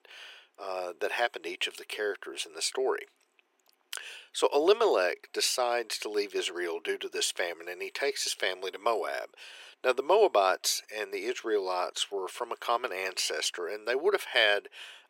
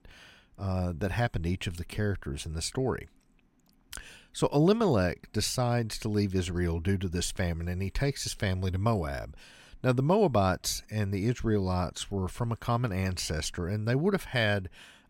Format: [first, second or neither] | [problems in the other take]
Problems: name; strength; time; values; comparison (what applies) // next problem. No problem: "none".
second | thin; very; fading below 400 Hz